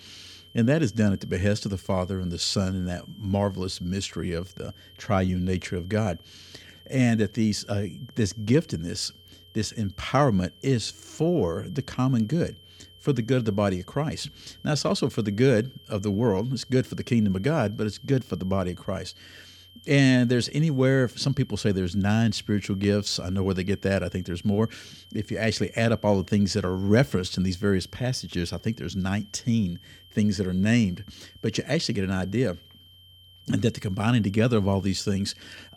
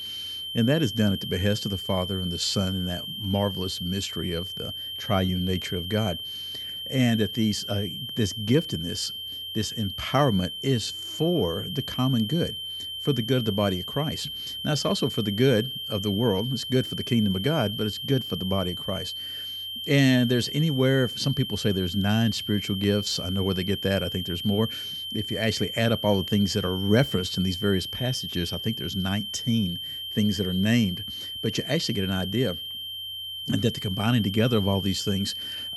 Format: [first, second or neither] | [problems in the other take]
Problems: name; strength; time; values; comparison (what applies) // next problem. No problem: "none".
first | high-pitched whine; loud; throughout; 3 kHz, 5 dB below the speech; faint in the first